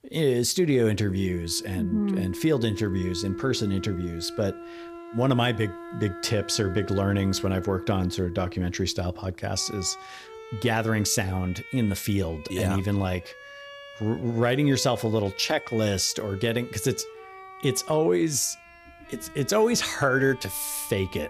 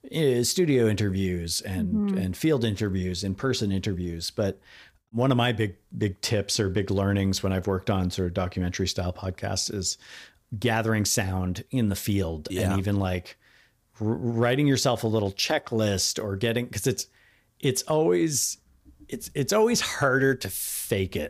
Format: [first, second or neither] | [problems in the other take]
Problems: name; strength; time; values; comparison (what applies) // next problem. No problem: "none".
second | background music; noticeable; throughout; 15 dB below the speech